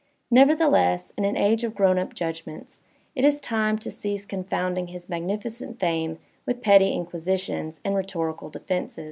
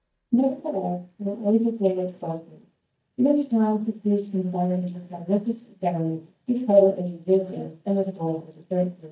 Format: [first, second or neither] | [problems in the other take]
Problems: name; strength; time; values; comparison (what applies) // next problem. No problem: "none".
first | noise reduction (neural mask model DeepFilterNet 3)